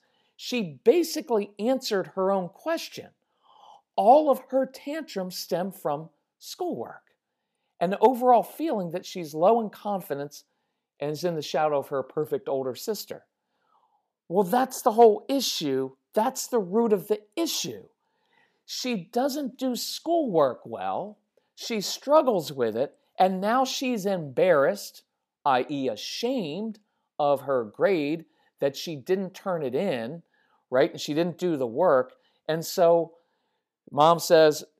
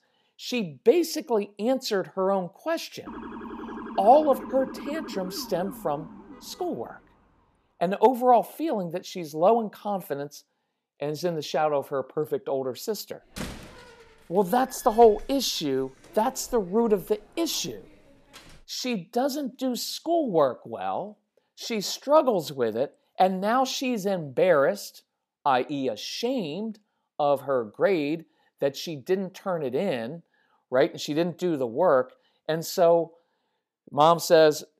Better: first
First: none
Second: siren; faint; from 3 to 7 s; peak 10 dB below the speech // door banging; faint; from 13 to 19 s; peak 10 dB below the speech

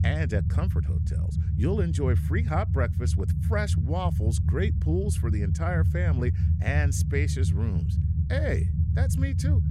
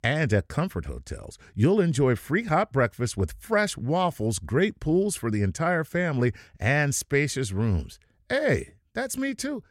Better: second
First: low rumble; loud; throughout; 7 dB below the speech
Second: none

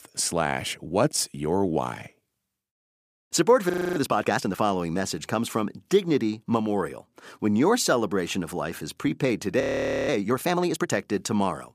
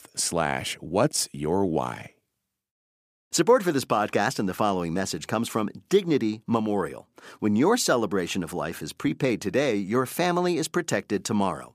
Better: second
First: audio freezing; at 3.5 s and at 9.5 s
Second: none

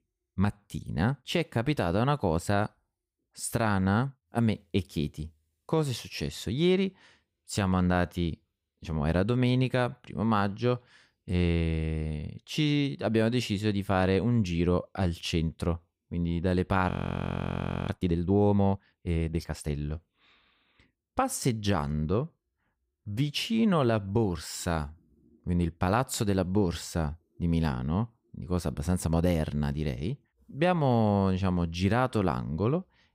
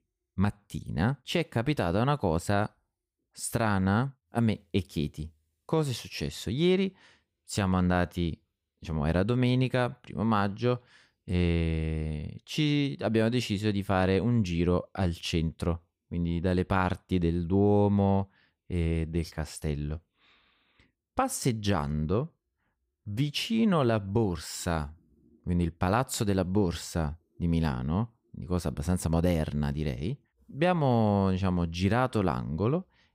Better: second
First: audio freezing; at 17 s for 1 s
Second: none

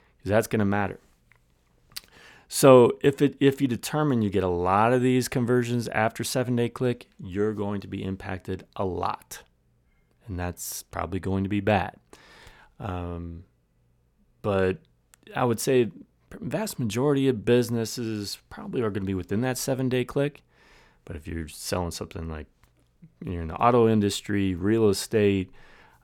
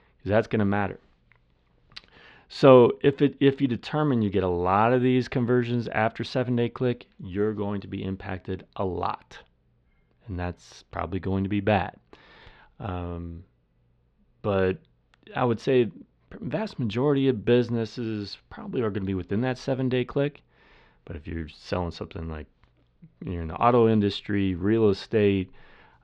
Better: first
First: none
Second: muffled; slightly; fading above 4 kHz

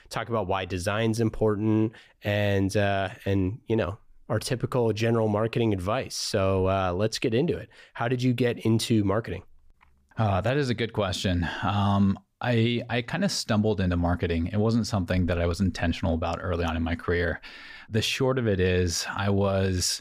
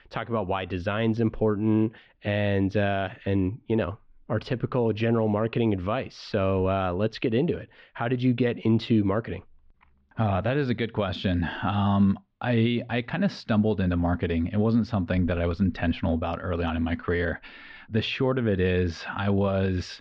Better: first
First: none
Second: muffled; slightly; fading above 3.5 kHz

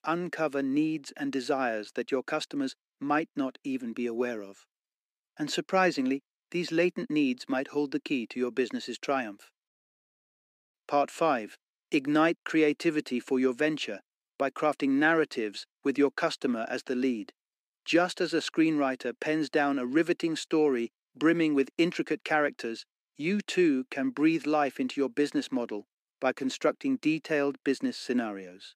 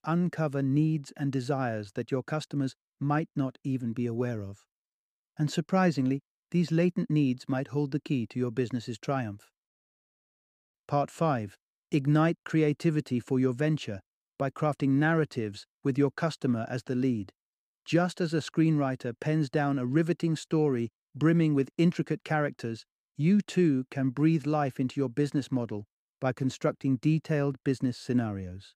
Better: second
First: thin; very slightly; fading below 250 Hz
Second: none

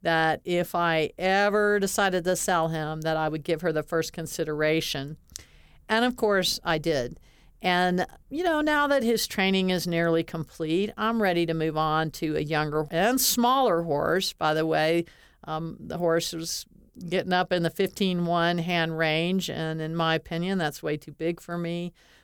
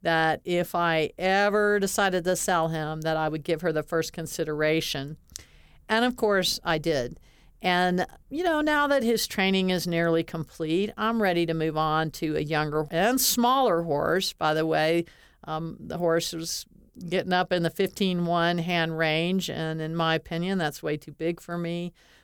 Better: neither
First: none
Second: none

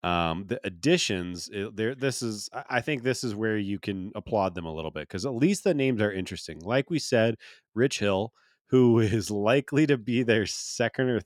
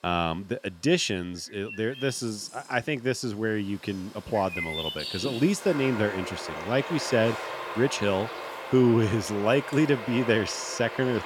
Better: first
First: none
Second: animal sounds; loud; throughout; 8 dB below the speech

